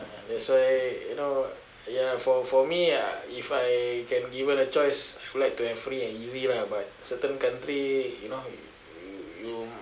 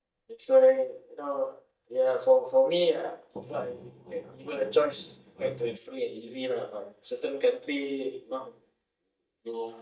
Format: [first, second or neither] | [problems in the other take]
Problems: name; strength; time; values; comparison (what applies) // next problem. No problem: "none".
first | noise reduction (neural mask model DeepFilterNet 3)